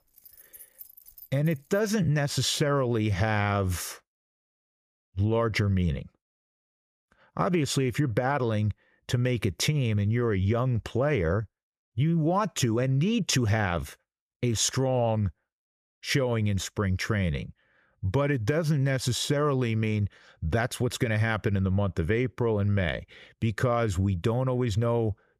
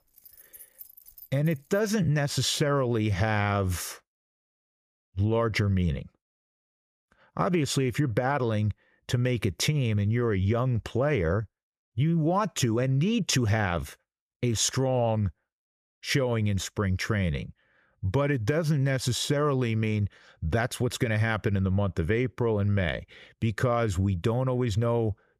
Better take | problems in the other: neither | jangling keys; faint; until 2 s; peak 20 dB below the speech; the same in both

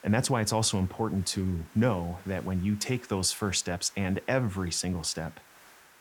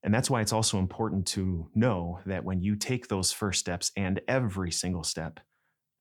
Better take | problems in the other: second | hiss; faint; throughout; 25 dB below the speech

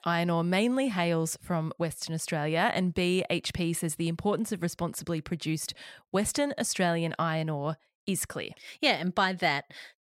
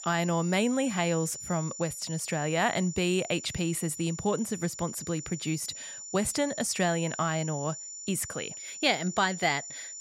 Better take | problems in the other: first | high-pitched whine; loud; throughout; 7 kHz, 9 dB below the speech

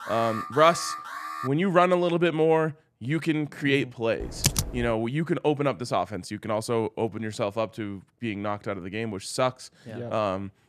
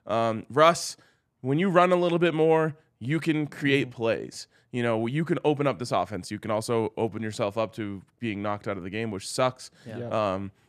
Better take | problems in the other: second | alarm; noticeable; until 1.5 s; peak 8 dB below the speech // keyboard typing; loud; at 4 s; peak 1 dB above the speech

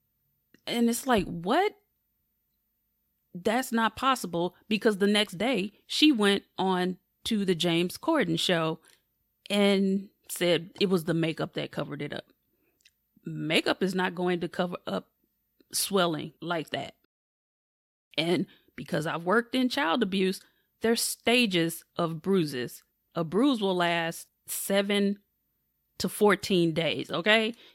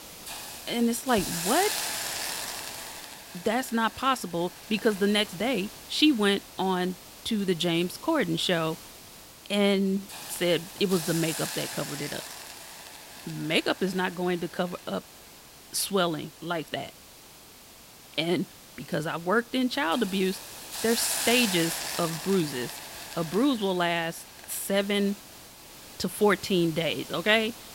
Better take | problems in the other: first | hiss; loud; throughout; 9 dB below the speech

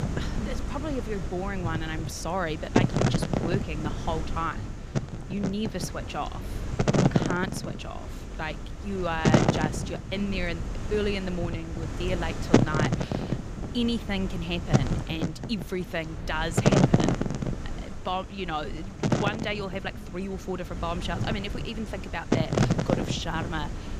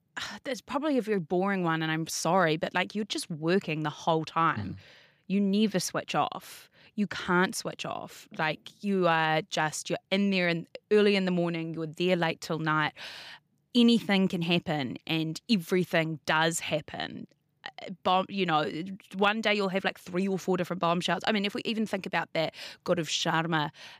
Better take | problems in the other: second | wind noise on the microphone; heavy; as loud as the speech

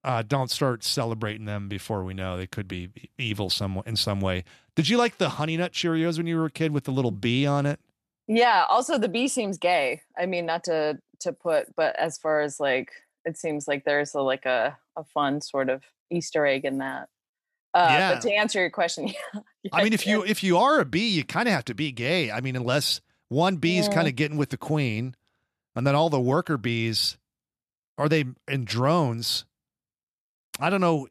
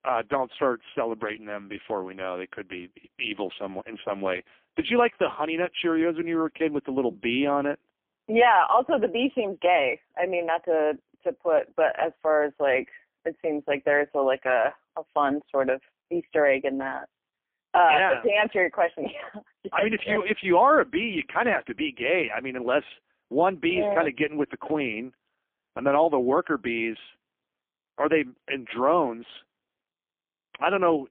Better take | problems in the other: first | phone-call audio; poor line; nothing above 3 kHz

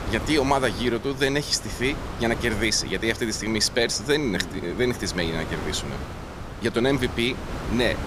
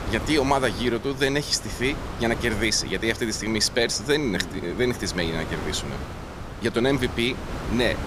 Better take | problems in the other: neither | wind noise on the microphone; occasional gusts; 10 dB below the speech; the same in both

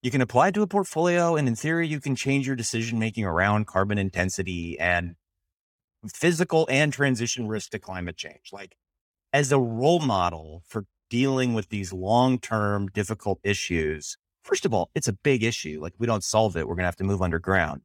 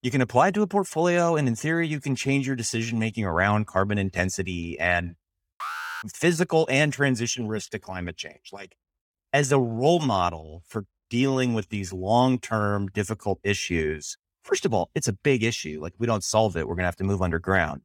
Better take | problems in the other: first | alarm; noticeable; at 5.5 s; peak 7 dB below the speech

